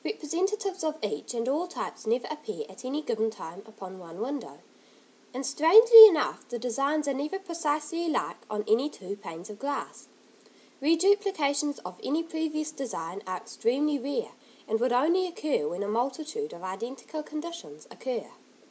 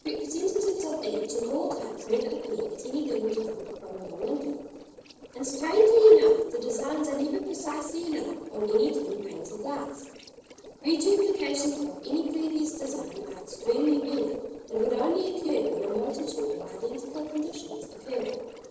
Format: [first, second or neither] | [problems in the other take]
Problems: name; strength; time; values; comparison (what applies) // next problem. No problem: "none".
first | noise reduction (neural separator model SepFormer DNS4)